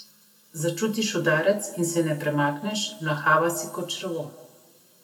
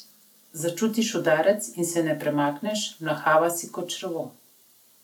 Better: second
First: room echo; dies away in 1.5 s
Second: none

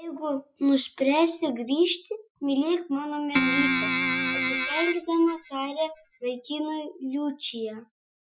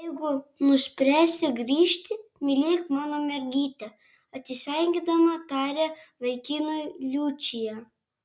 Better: second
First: noise reduction (classical method Wiener filter)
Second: none

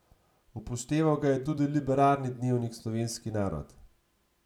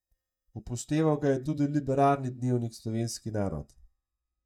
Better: first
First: none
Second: noise reduction (neural mask model DeepFilterNet 3)

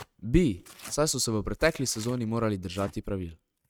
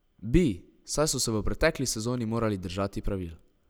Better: second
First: noise reduction (neural mask model RNNoise)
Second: none

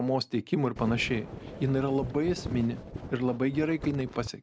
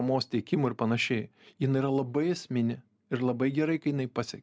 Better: second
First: background sound (Wind); 10 dB below the speech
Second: none

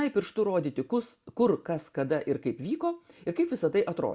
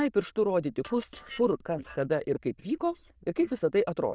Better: first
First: none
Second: noise reduction (neural diffusion model UNIVERSE++)

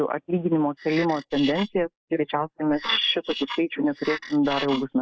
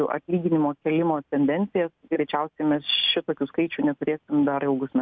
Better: second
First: noise reduction (neural mask model Resemble Enhance denoiser)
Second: none

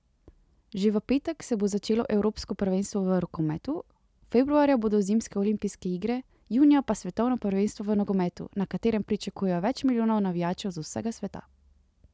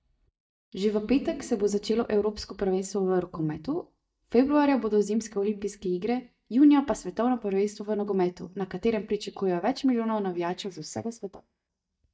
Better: first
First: none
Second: noise reduction (neural mask model DeepFilterNet 3)

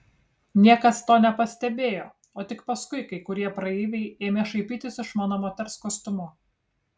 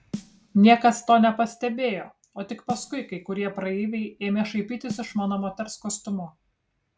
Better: first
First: none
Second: background sound (Snare drum); 19 dB below the speech

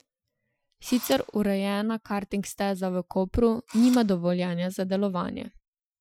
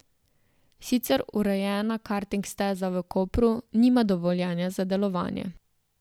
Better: second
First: noise reduction (classical method Wiener filter)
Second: none

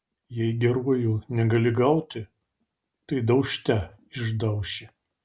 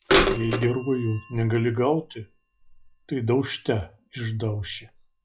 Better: first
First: none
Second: noise reduction (classical method log-MMSE)

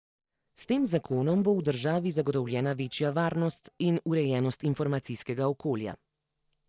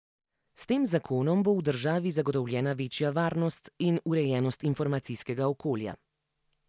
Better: second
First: noise reduction (neural separator model SepFormer DNS4)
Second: none

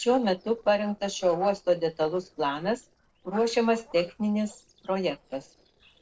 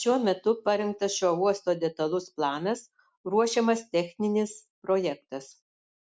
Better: second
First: noise reduction (neural separator model SepFormer DNS4)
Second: none

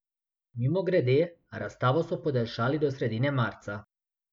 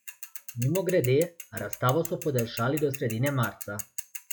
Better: first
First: none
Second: noise reduction (classical method log-MMSE)

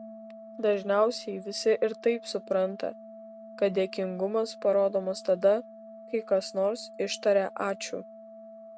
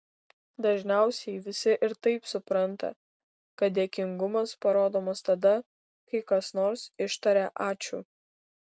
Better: second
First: background sound (Organ); 17 dB below the speech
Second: none

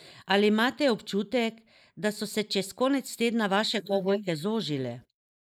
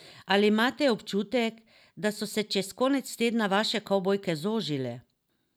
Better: second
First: noise reduction (neural mask model Resemble Enhance denoiser)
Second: none

